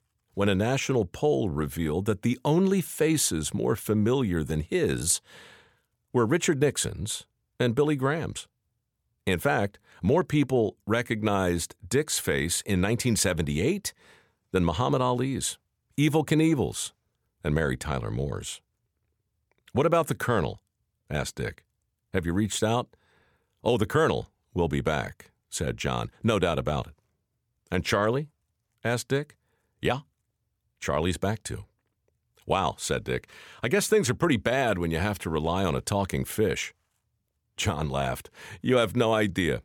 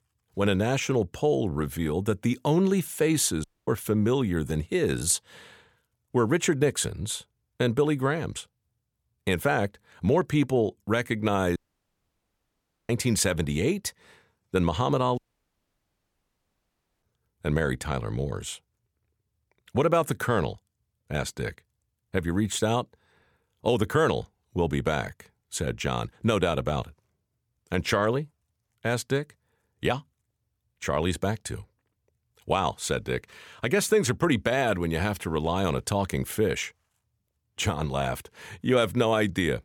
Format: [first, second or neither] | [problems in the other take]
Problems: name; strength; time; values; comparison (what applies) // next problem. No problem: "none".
first | audio cutting out; at 3.5 s, at 12 s for 1.5 s and at 15 s for 2 s